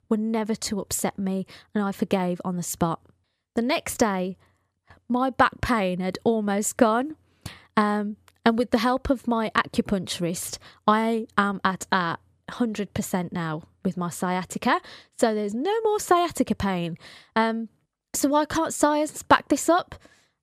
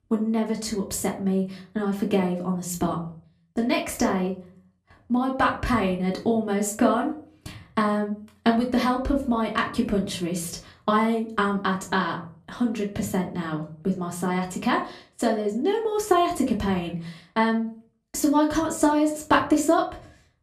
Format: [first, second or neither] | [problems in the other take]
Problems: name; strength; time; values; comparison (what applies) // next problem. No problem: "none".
first | off-mic speech; far // room echo; very slight; dies away in 0.3 s